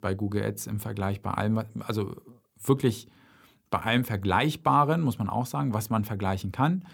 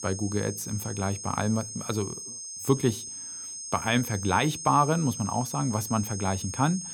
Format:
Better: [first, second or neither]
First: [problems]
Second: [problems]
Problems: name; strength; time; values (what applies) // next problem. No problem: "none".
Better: first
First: none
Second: high-pitched whine; loud; throughout; 6.5 kHz, 8 dB below the speech